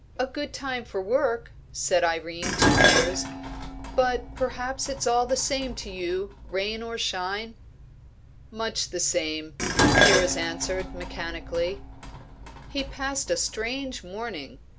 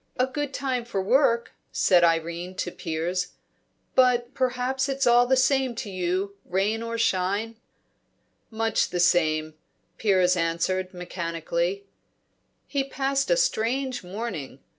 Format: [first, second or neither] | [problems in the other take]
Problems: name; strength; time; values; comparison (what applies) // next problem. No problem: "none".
second | background sound (Dishes, pots, and pans); as loud as the speech